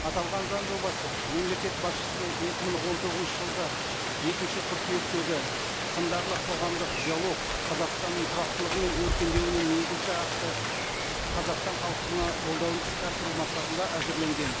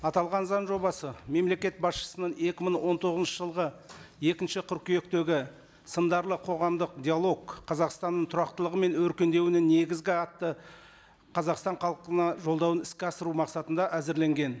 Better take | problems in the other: second | background sound (Rain); 1 dB above the speech

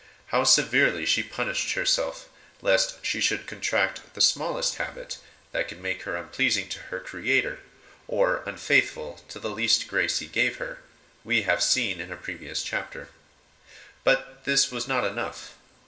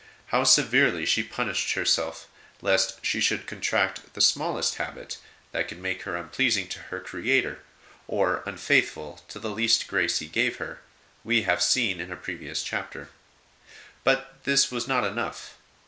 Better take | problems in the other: second | room echo; dies away in 0.3 s

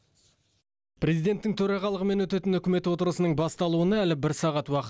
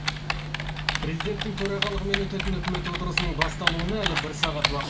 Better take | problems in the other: first | background sound (Typing); 3 dB above the speech // room echo; dies away in 0.2 s

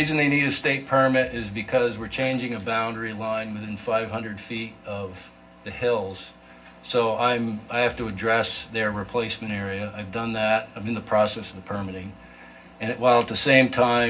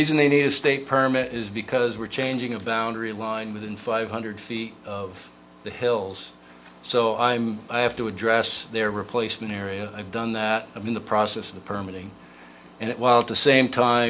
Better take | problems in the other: second | room echo; dies away in 0.4 s

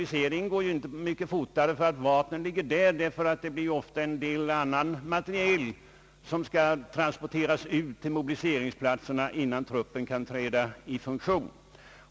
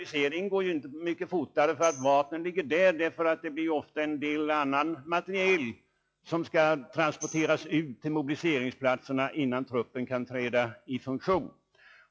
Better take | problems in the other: first | noise reduction (classical method log-MMSE)

